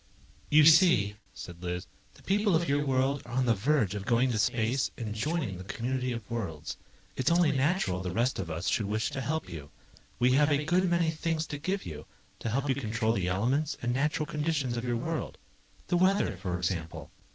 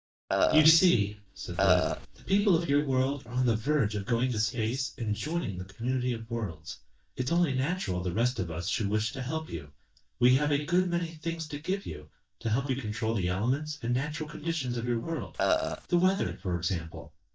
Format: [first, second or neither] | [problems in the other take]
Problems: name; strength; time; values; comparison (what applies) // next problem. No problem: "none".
first | noise reduction (neural mask model DeepFilterNet 3)